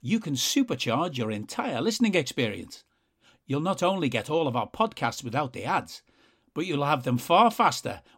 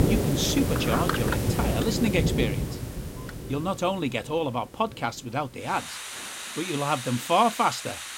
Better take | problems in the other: first | rain or running water; loud; throughout; 2 dB below the speech

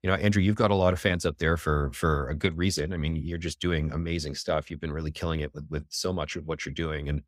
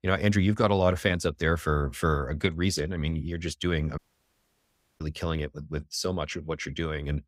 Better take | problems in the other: first | audio cutting out; at 4 s for 1 s

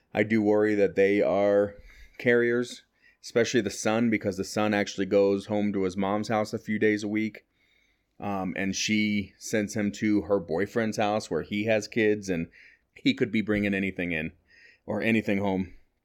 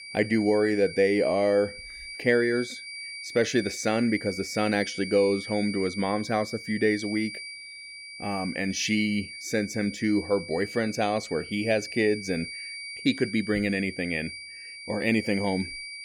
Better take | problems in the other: first | high-pitched whine; noticeable; throughout; 2.5 kHz, 10 dB below the speech

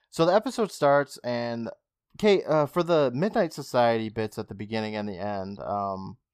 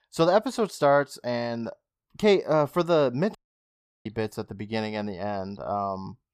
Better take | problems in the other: first | audio cutting out; at 3.5 s for 0.5 s

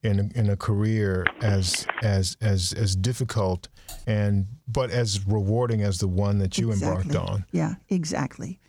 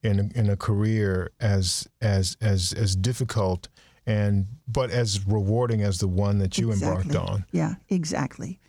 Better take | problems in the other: second | phone ringing; noticeable; at 1.5 s; peak 3 dB below the speech // keyboard typing; faint; at 3.5 s; peak 20 dB below the speech

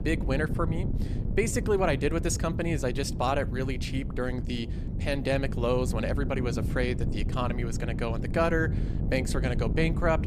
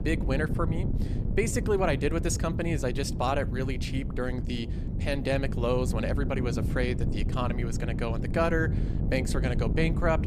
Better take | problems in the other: first | wind noise on the microphone; heavy; 10 dB below the speech; occasional gusts in the first

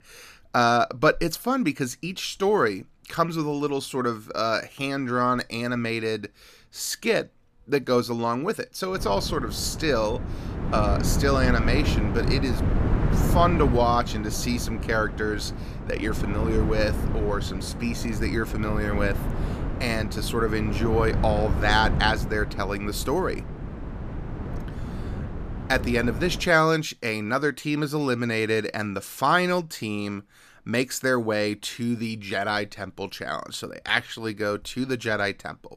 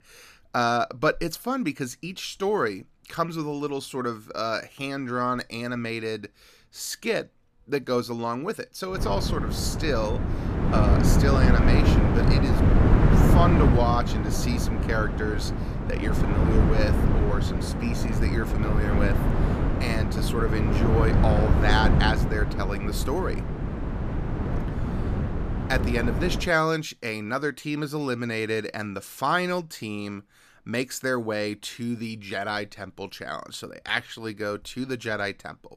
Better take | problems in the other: first | wind noise on the microphone; heavy; from 9 to 26 s; 3 dB below the speech; occasional gusts in the first

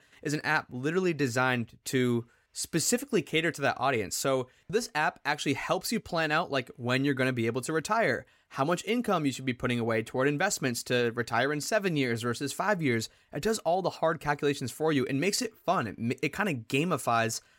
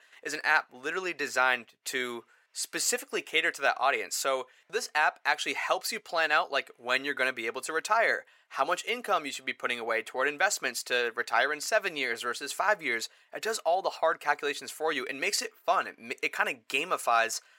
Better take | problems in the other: first | thin; very; fading below 650 Hz

